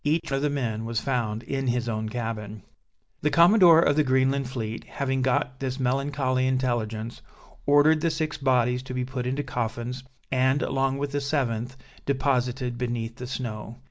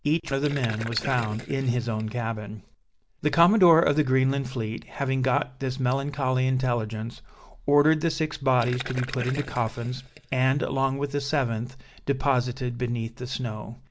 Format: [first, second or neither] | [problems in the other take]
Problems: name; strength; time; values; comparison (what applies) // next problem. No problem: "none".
first | background sound (Gurgling); 13 dB below the speech